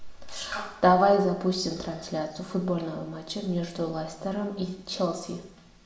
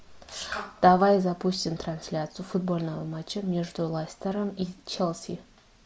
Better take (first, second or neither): second